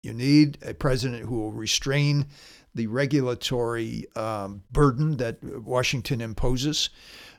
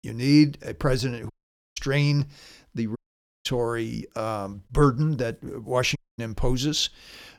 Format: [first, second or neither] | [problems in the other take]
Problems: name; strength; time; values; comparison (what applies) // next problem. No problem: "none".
first | audio cutting out; at 1.5 s, at 3 s and at 6 s